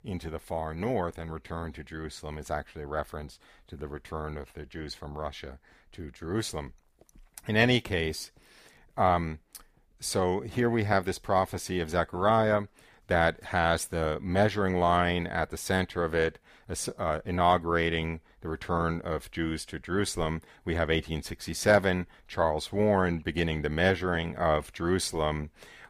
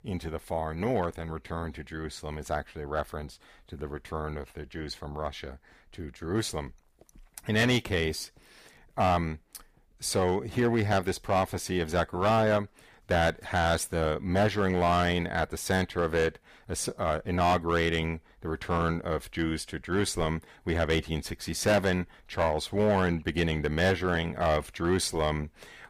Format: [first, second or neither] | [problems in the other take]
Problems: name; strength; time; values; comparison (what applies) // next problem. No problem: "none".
first | distortion; slight; 3% of the sound clipped